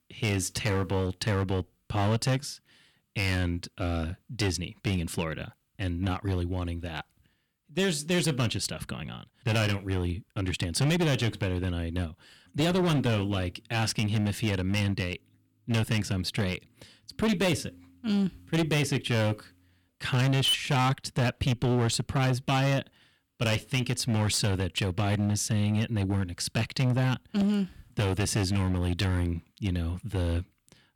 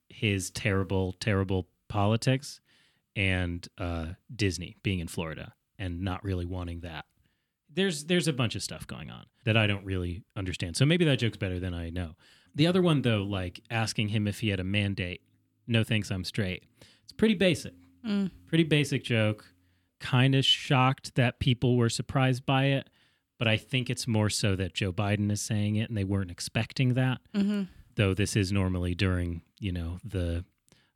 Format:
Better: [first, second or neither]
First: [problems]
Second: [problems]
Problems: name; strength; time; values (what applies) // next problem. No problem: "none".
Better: second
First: distortion; heavy; 11% of the sound clipped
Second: none